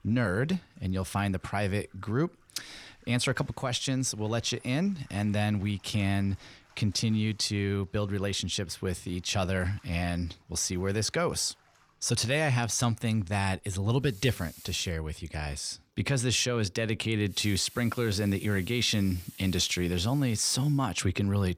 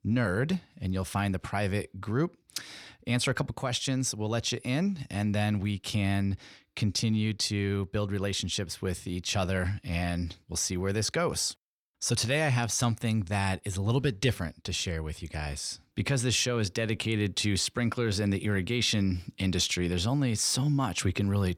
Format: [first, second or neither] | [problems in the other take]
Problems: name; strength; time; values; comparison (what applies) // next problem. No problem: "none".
second | household noises; faint; throughout; 25 dB below the speech